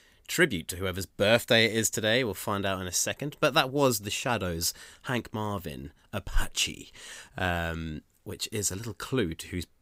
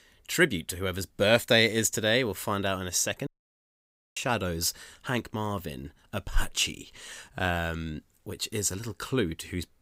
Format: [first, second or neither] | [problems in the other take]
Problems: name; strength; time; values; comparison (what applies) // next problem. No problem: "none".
first | audio cutting out; at 3.5 s for 1 s